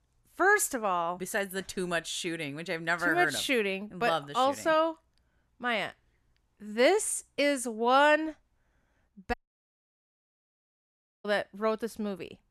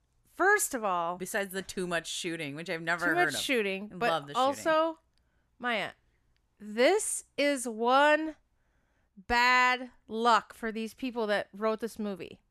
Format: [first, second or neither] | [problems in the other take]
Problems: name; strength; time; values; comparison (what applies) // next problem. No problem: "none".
second | audio cutting out; at 9.5 s for 2 s